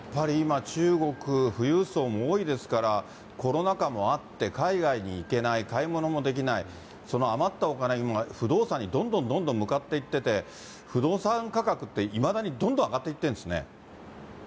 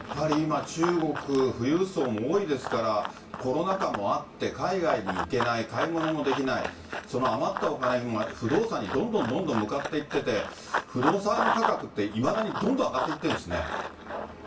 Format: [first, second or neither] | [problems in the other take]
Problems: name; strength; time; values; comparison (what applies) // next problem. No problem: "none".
first | background sound (Run); 7 dB below the speech // room echo; dies away in 0.3 s